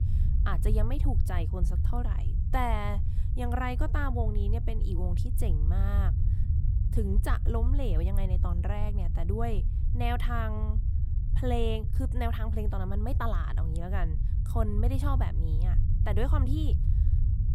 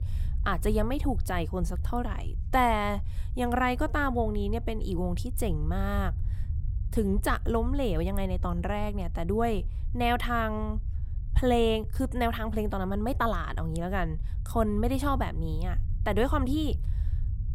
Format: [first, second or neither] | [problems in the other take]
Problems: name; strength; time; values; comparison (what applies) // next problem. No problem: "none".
second | low rumble; loud; throughout; 9 dB below the speech; faint in the second